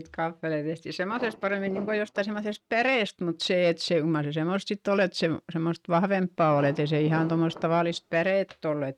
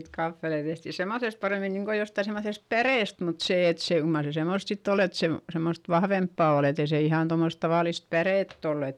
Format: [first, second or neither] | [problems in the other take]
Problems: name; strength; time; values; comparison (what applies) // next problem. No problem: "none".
second | noise reduction (neural mask model RNNoise)